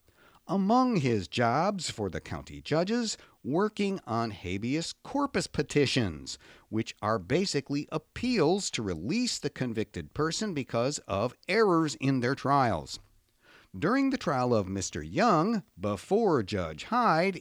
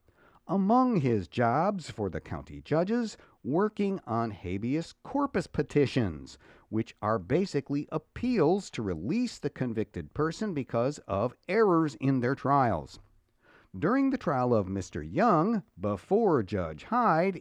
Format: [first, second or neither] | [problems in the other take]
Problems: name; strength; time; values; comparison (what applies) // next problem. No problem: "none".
first | muffled; slightly; fading above 2.5 kHz